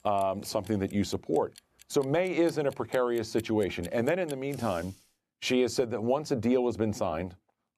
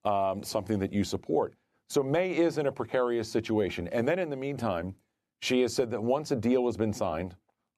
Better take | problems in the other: second | household noises; faint; until 5 s; 20 dB below the speech

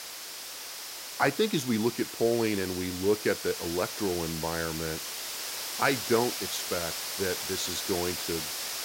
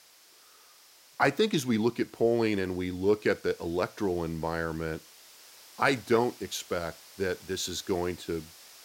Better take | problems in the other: second | hiss; loud; throughout; 4 dB below the speech; faint in the second

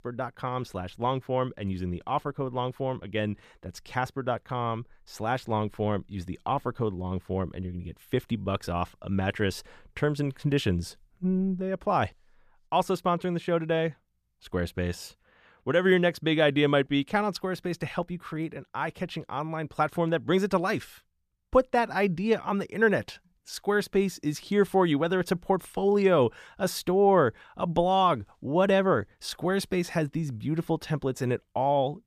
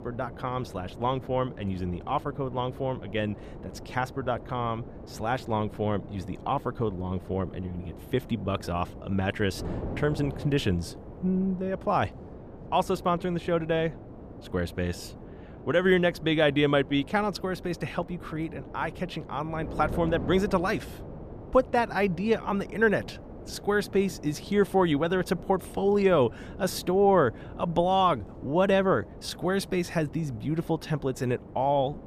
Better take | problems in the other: first | wind noise on the microphone; occasional gusts; 20 dB below the speech

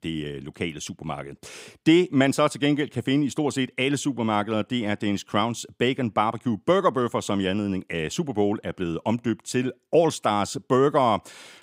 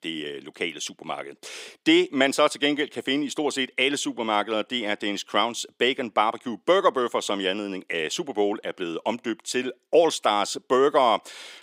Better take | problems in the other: first | thin; very slightly; fading below 400 Hz

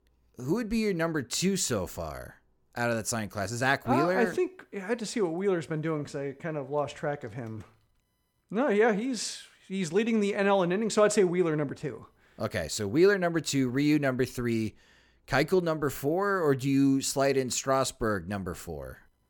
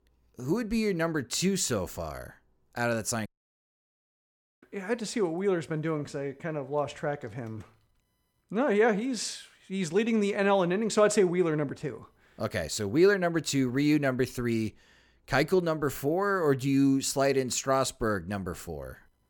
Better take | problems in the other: first | audio cutting out; at 3.5 s for 1.5 s

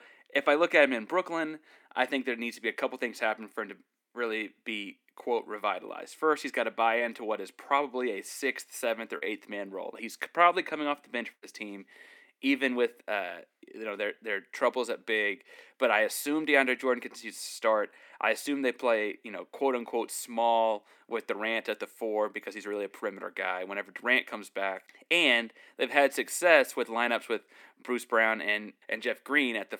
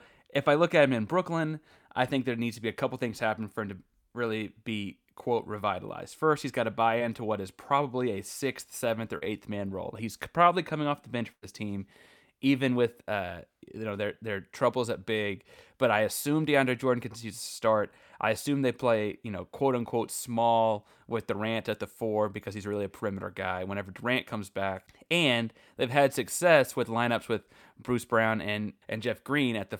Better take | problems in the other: second | thin; very slightly; fading below 250 Hz

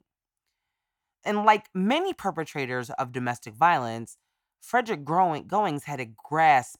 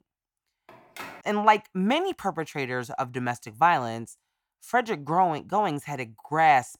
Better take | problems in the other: first | phone ringing; faint; at 0.5 s; peak 15 dB below the speech

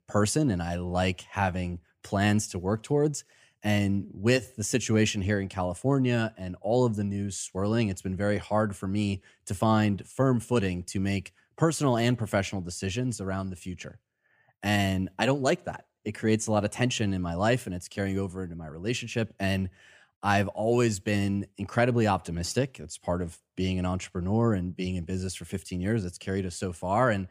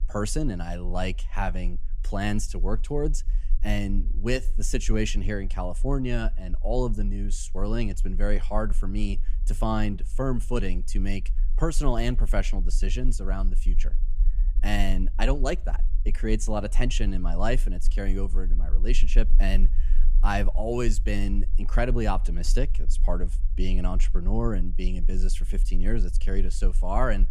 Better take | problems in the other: first | low rumble; faint; throughout; 25 dB below the speech

